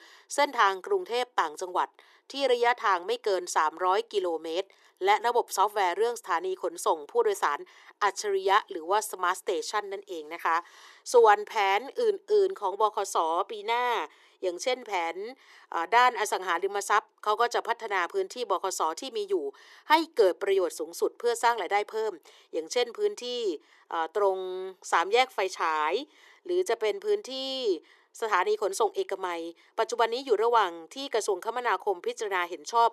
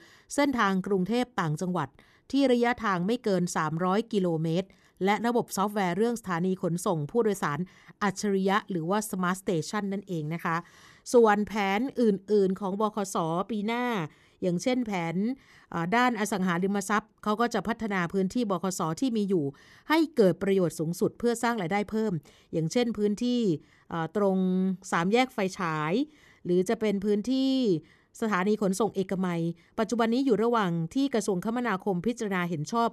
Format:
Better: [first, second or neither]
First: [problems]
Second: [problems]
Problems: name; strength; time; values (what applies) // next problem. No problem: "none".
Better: second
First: thin; very; fading below 400 Hz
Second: none